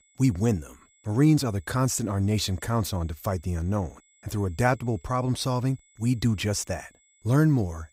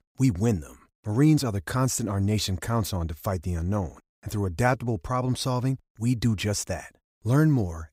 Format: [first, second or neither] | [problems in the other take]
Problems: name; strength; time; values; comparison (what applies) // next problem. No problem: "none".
second | high-pitched whine; faint; throughout; 8 kHz, 35 dB below the speech